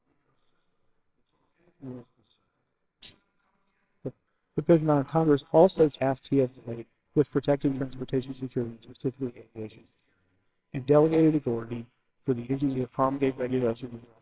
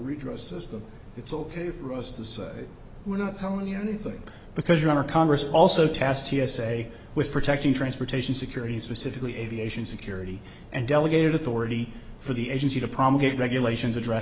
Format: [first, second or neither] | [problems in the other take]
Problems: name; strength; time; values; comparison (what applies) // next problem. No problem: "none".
second | noise reduction (neural separator model SepFormer WHAMR!)